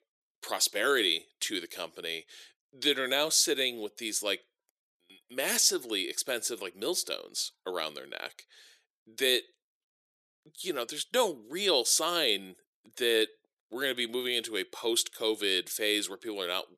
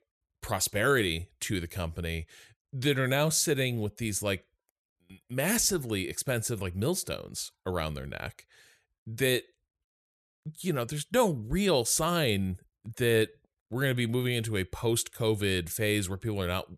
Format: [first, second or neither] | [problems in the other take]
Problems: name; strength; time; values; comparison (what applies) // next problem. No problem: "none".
second | thin; somewhat; fading below 300 Hz